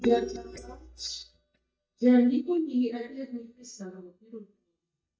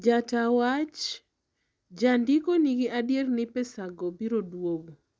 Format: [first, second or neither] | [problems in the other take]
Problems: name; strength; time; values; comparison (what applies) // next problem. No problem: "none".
second | noise reduction (neural mask model DeepFilterNet 3)